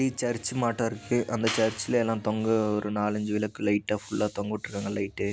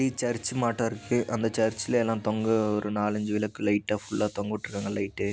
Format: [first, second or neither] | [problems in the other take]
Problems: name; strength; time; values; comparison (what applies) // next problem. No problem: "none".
second | background sound (Clapping); 9 dB below the speech